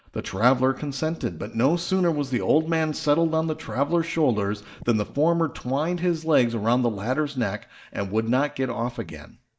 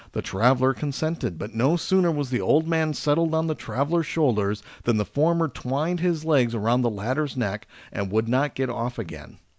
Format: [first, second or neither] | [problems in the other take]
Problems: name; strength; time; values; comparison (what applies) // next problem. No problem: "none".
second | noise reduction (neural mask model DeepFilterNet 3)